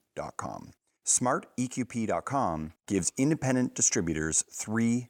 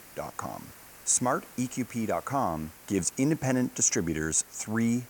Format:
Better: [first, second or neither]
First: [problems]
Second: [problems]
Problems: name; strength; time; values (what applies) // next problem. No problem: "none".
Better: first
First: none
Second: hiss; faint; throughout; 20 dB below the speech